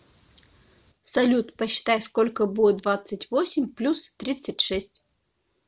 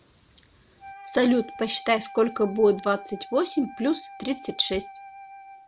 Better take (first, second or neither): first